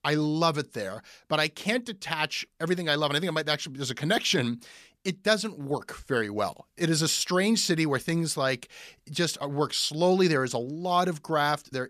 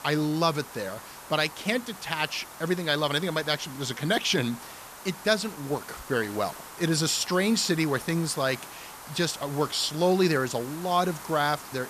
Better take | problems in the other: first | hiss; noticeable; throughout; 15 dB below the speech

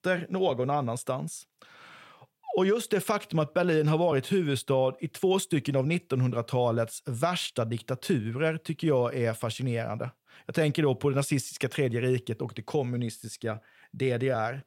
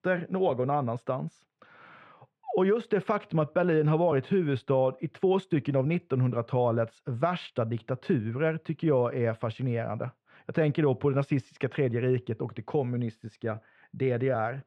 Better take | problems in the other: first | muffled; very; fading above 2 kHz

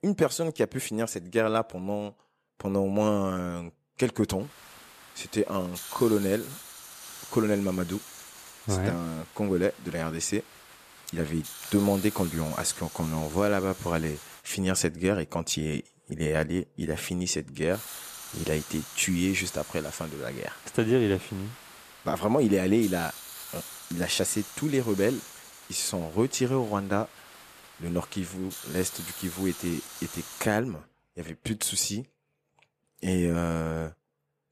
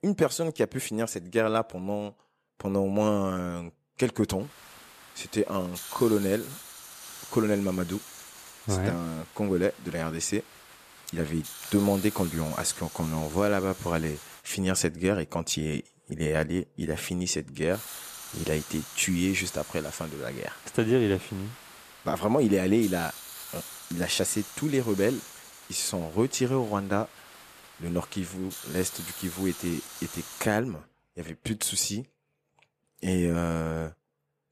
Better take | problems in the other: neither | hiss; noticeable; from 4.5 to 14 s and from 18 to 30 s; 15 dB below the speech; the same in both

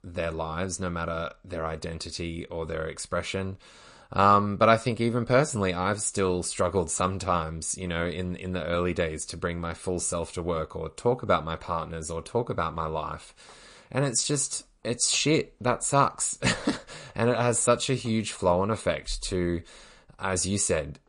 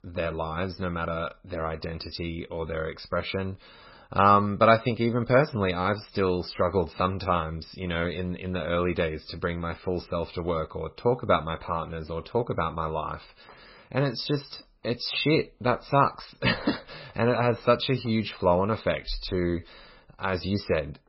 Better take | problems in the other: first | garbled, watery; badly; nothing above 5.5 kHz; slightly in the first

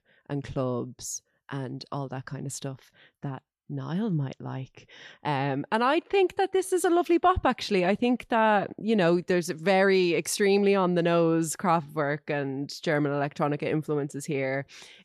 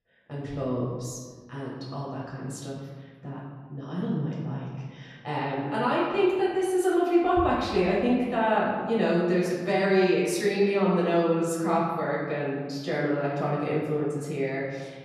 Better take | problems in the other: first | off-mic speech; far // room echo; noticeable; dies away in 1.4 s

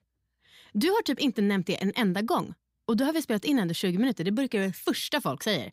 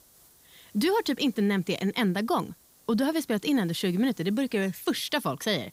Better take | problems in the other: first | hiss; faint; throughout; 25 dB below the speech

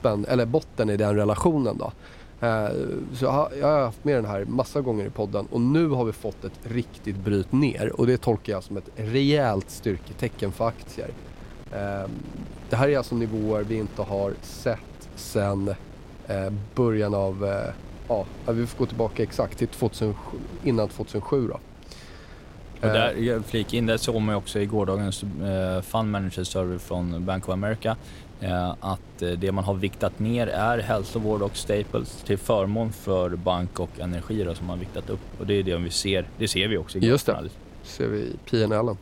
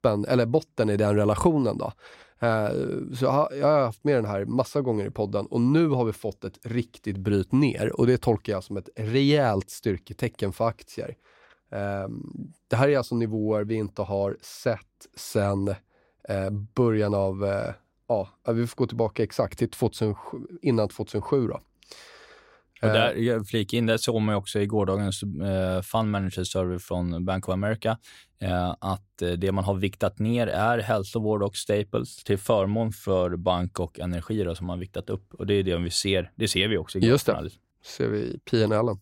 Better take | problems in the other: second | wind noise on the microphone; occasional gusts; 20 dB below the speech

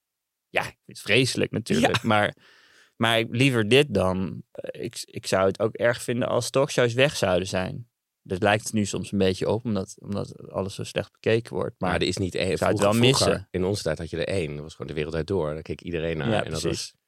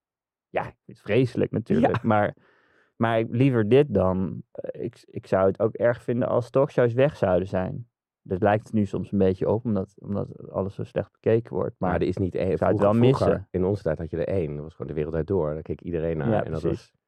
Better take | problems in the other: first | muffled; very; fading above 2.5 kHz

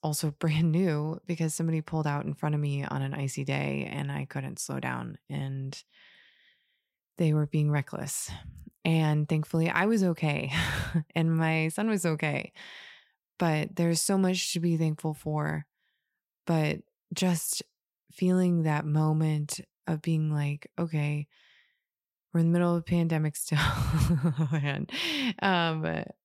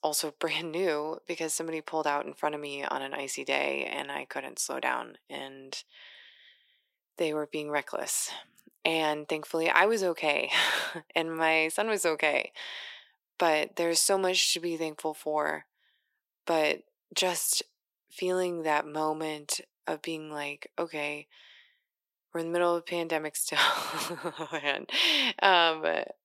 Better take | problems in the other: first | thin; very; fading below 350 Hz

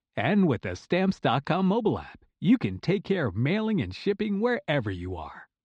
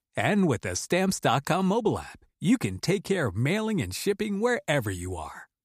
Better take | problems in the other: second | muffled; slightly; fading above 4 kHz

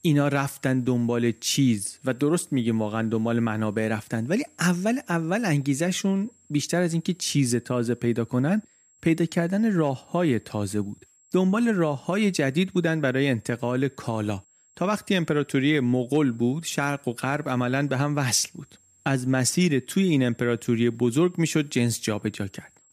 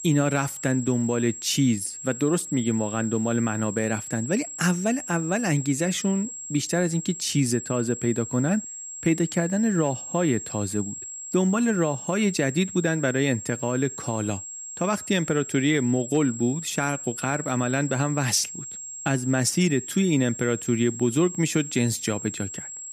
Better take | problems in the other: first | high-pitched whine; loud; throughout; 7.5 kHz, 9 dB below the speech; faint in the first

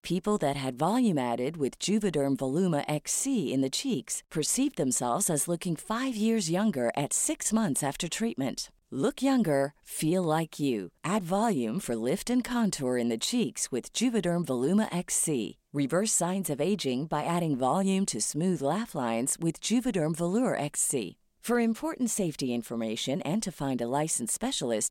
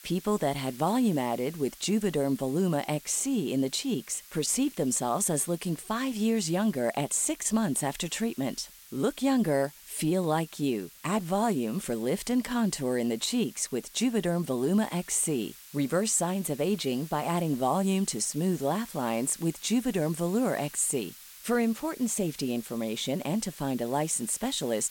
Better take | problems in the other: first | hiss; noticeable; throughout; 20 dB below the speech

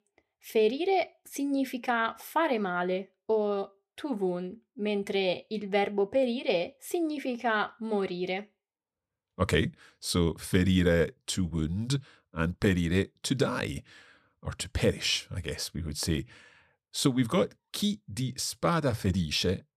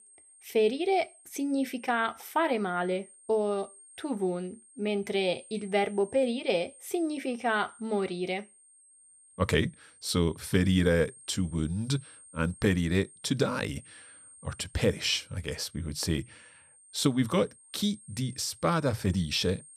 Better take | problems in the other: first | high-pitched whine; faint; throughout; 8.5 kHz, 20 dB below the speech

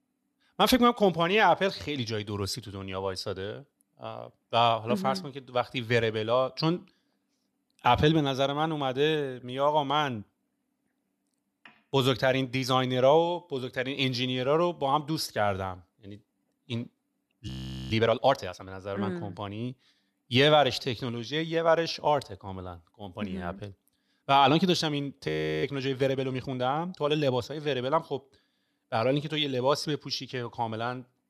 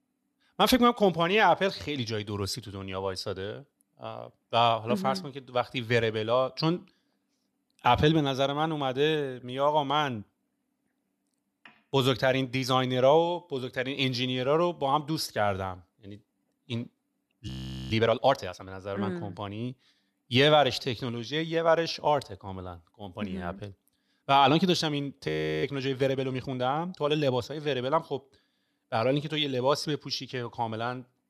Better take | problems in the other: neither | audio freezing; at 17 s and at 25 s; the same in both

